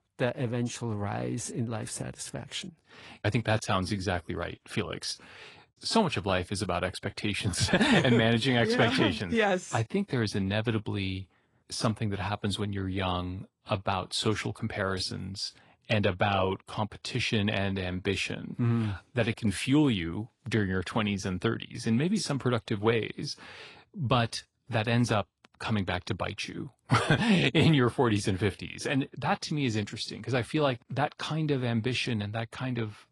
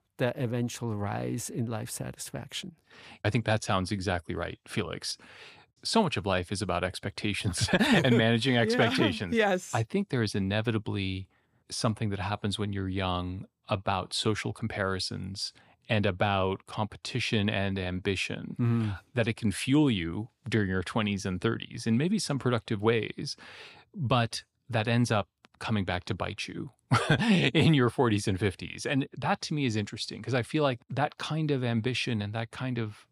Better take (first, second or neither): second